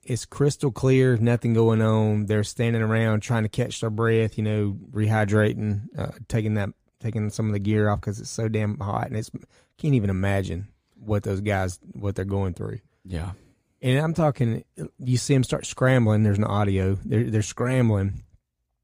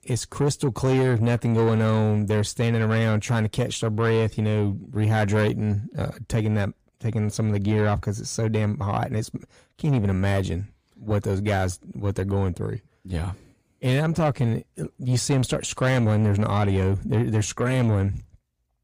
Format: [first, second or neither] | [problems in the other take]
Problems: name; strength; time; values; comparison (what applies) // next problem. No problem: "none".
first | distortion; slight; 10 dB below the speech